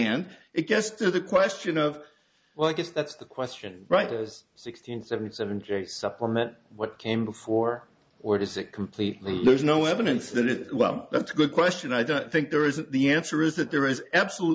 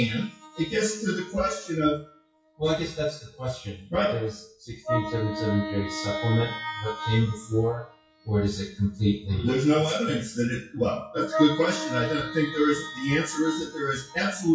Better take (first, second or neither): first